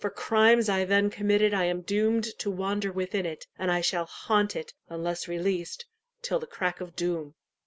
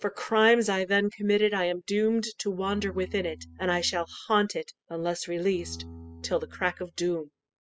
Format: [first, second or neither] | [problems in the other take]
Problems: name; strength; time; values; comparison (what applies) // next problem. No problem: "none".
first | noise reduction (classical method spectral subtraction)